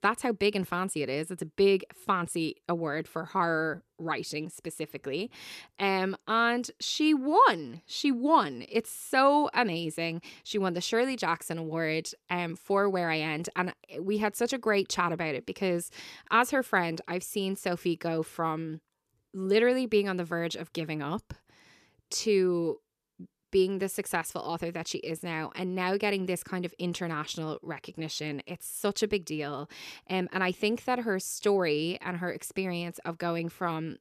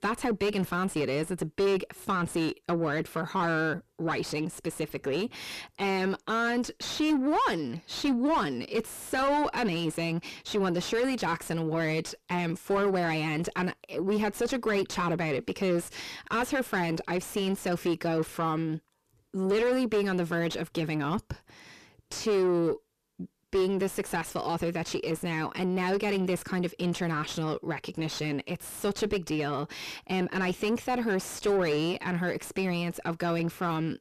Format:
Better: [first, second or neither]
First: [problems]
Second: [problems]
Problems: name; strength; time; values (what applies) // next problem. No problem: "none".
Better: first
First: none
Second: distortion; heavy; 6 dB below the speech